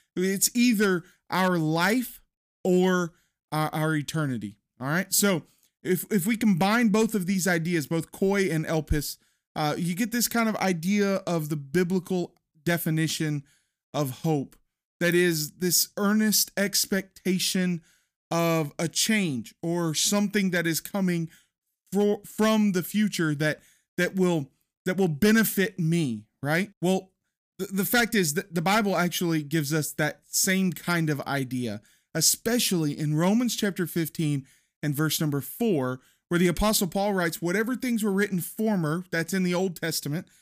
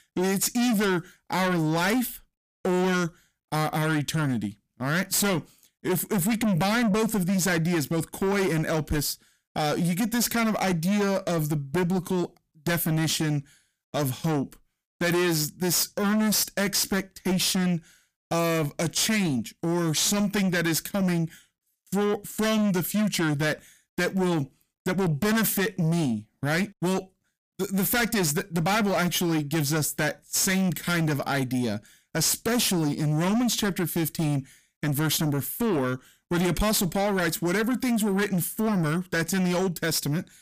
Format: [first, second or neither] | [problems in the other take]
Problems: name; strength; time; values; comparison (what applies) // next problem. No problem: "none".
first | distortion; heavy; 7 dB below the speech